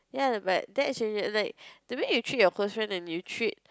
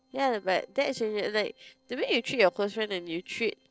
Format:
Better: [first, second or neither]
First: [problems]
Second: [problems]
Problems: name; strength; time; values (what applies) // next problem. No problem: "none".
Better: first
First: none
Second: noise reduction (neural separator model SepFormer DNS4)